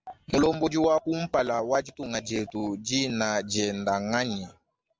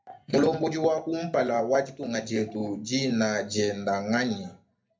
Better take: first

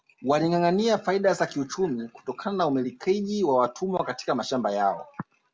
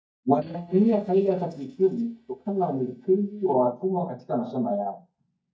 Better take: first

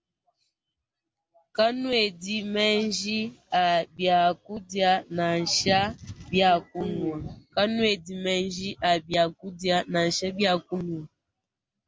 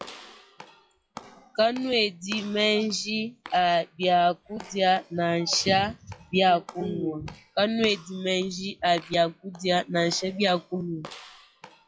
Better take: first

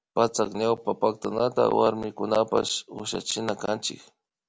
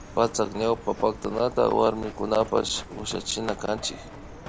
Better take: first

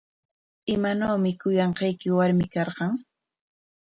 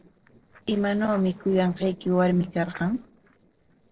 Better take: first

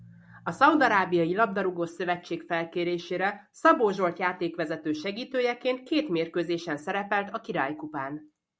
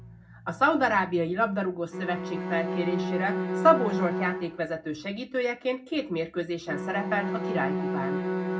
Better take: first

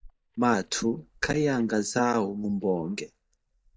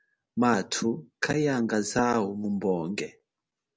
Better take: second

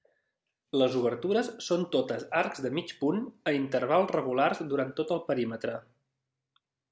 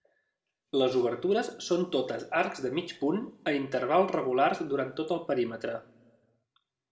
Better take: first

